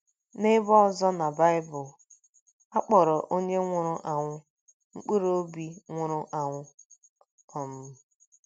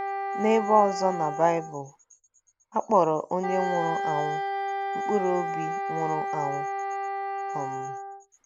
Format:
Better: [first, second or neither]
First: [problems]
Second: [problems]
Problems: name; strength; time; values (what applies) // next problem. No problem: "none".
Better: first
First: none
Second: background sound (Wind instrument, woodwind instrument); 3 dB below the speech